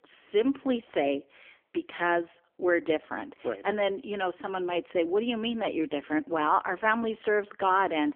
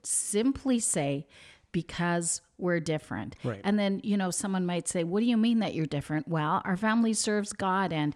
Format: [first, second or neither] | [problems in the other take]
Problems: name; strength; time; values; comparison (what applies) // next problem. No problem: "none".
second | phone-call audio; poor line; nothing above 3.5 kHz